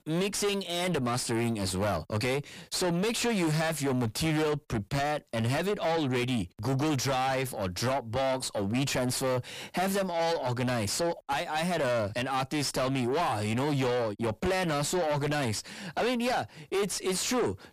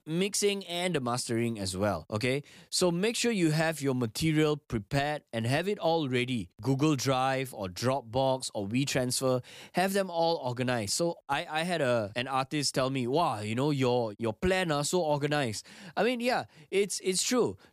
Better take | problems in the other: second | distortion; heavy; 5 dB below the speech

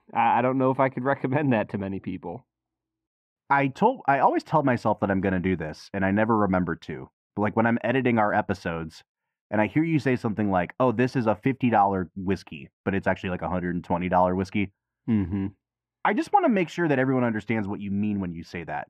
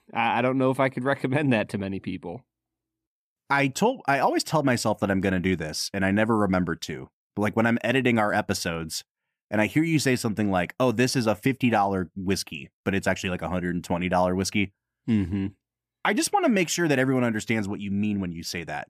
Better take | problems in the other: second | muffled; very; fading above 4 kHz

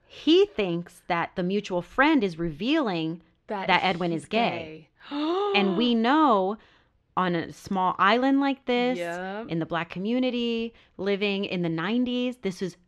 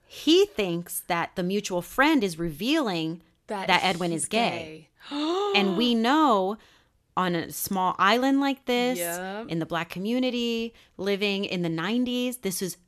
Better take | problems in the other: second | muffled; very slightly; fading above 3.5 kHz

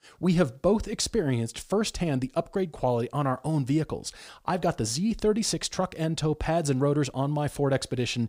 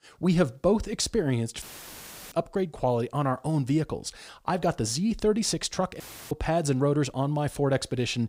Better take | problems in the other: first | audio cutting out; filled with static; at 1.5 s for 0.5 s and at 6 s

